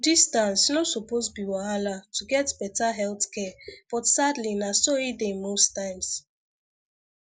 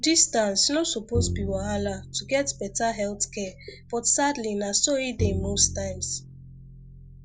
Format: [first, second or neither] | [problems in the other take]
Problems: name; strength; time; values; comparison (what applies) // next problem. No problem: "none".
first | background sound (Bowed string instrument); 8 dB below the speech